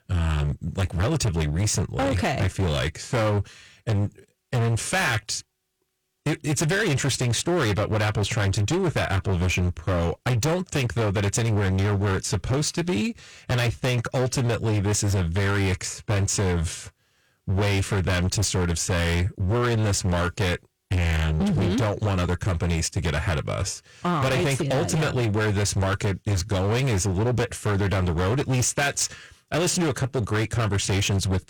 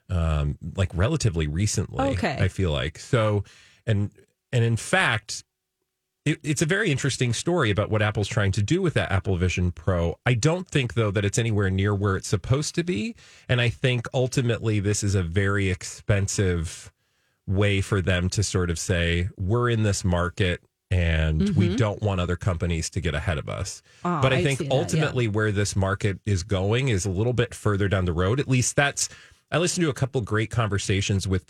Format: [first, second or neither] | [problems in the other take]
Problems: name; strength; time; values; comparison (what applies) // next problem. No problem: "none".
second | distortion; heavy; 26% of the sound clipped